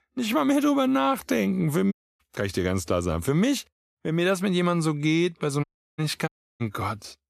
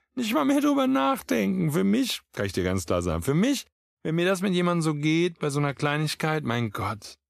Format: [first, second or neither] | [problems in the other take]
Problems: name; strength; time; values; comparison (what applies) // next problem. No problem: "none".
second | audio cutting out; at 2 s, at 5.5 s and at 6.5 s